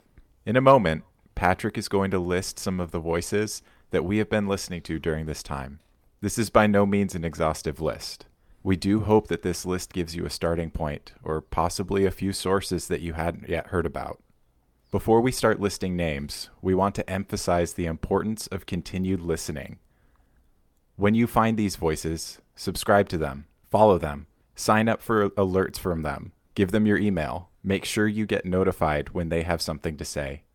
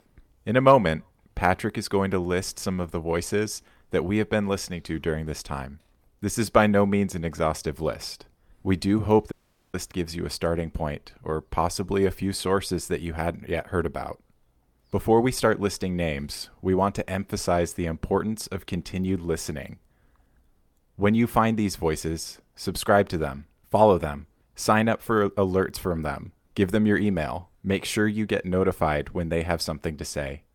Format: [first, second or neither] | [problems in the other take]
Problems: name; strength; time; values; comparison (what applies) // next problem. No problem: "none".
first | audio cutting out; at 9.5 s